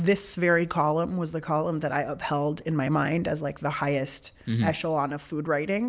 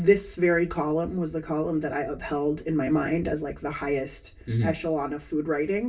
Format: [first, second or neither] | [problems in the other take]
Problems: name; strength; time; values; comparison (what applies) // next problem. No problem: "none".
first | room echo; dies away in 0.2 s